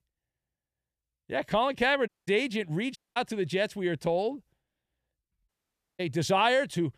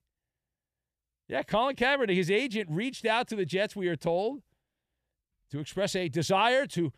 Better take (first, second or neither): second